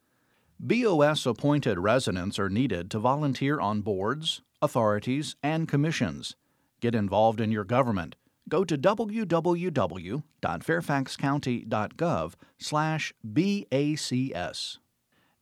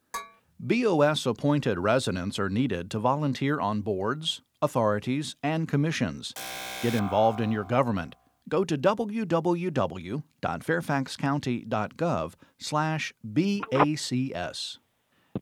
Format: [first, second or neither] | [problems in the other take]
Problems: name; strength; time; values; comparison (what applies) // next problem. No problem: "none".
first | clattering dishes; faint; at the start; peak 10 dB below the speech // alarm; noticeable; from 6.5 to 8 s; peak 7 dB below the speech // phone ringing; loud; from 14 s on; peak level with the speech